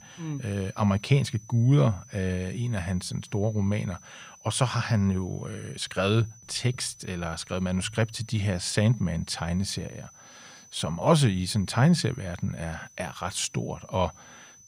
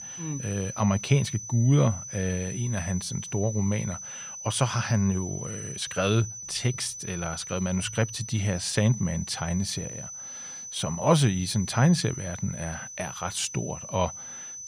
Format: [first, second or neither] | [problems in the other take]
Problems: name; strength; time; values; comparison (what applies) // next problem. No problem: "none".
first | high-pitched whine; loud; throughout; 6 kHz, 9 dB below the speech; faint in the first